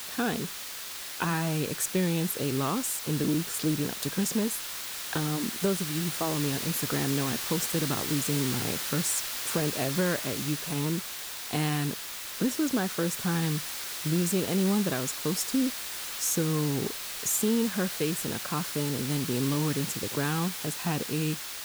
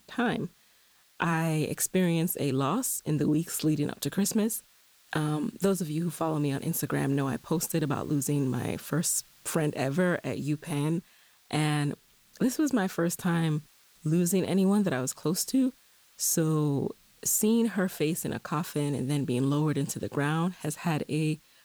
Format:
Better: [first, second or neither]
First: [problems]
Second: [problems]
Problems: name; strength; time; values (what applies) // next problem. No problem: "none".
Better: second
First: hiss; loud; throughout; 3 dB below the speech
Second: hiss; faint; throughout; 30 dB below the speech